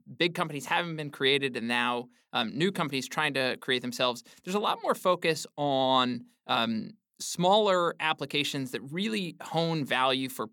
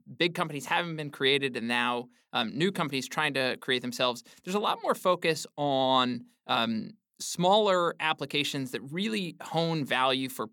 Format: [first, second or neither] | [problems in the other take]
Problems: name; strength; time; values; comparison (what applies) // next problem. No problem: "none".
neither | none